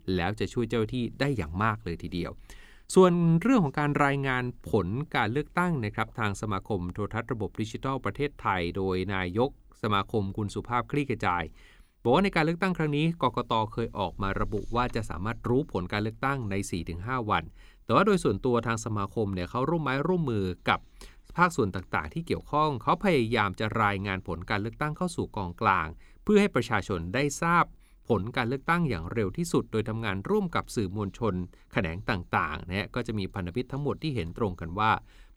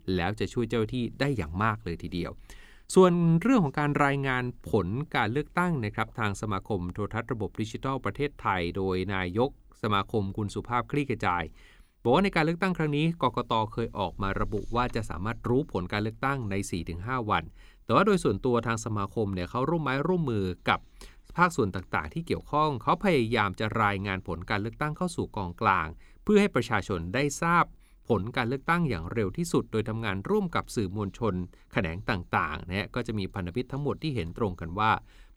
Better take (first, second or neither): neither